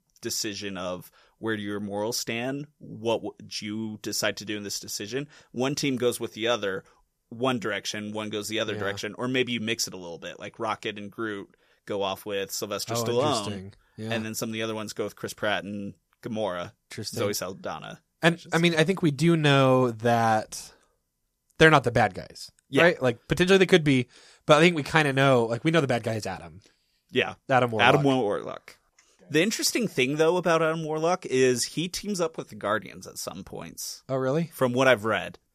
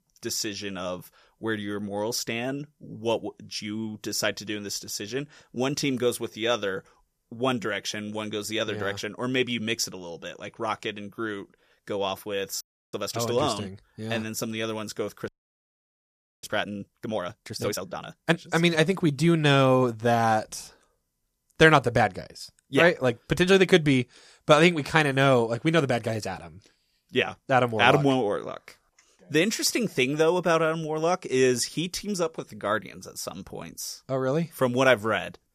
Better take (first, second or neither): first